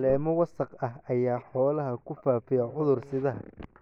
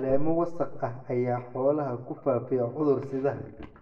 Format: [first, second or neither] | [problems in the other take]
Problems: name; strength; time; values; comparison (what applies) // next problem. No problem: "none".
first | room echo; dies away in 0.6 s